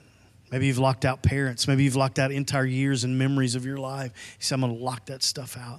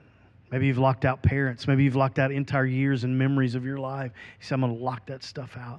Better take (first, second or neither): first